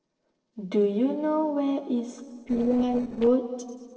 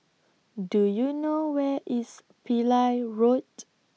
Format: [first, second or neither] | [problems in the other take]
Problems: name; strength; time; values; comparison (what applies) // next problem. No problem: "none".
second | noise reduction (neural separator model SepFormer DNS4)